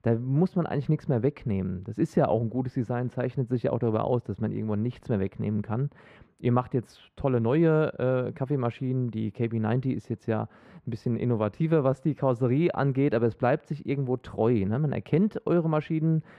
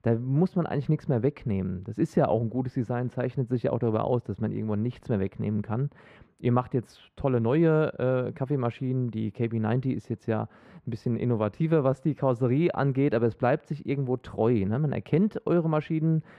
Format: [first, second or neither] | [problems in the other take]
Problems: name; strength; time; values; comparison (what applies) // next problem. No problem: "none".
neither | muffled; very; fading above 3 kHz; the same in both